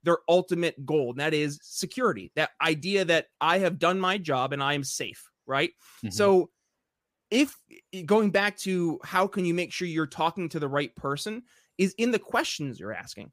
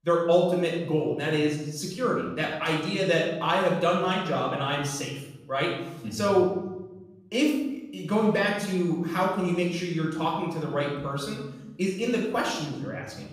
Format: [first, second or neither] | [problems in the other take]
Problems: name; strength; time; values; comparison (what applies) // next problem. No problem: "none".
first | off-mic speech; far // room echo; noticeable; dies away in 1.2 s